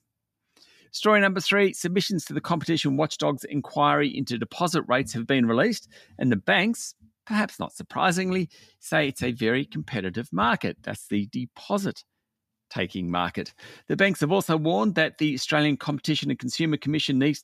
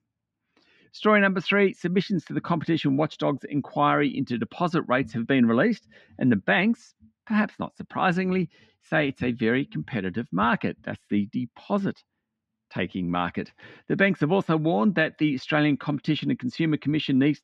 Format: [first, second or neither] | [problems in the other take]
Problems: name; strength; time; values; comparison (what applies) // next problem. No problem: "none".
first | muffled; slightly; fading above 2.5 kHz